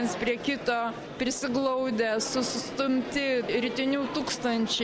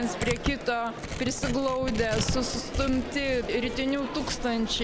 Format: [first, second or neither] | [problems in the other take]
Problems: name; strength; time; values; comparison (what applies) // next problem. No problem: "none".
first | background sound (Tearing); 6 dB below the speech